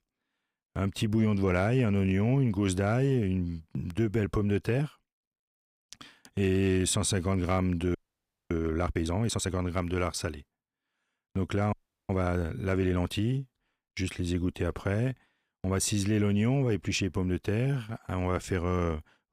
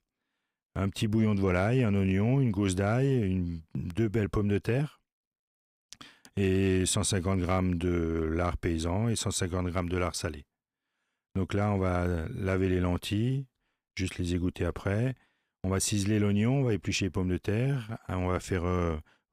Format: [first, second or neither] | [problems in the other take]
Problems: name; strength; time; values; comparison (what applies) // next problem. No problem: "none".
second | audio freezing; at 8 s for 0.5 s and at 12 s